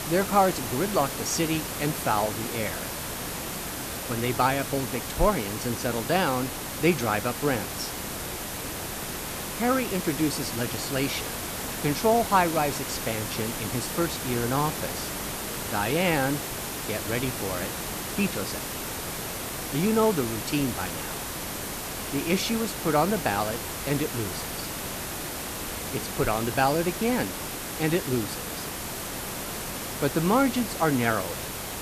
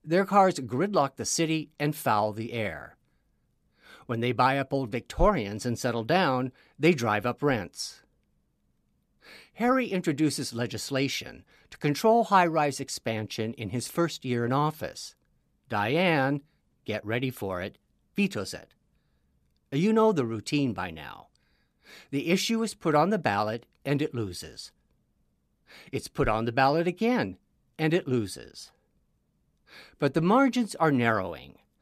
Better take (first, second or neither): second